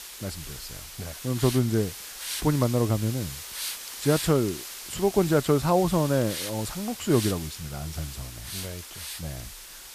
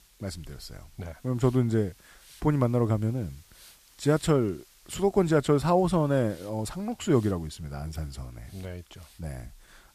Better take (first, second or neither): second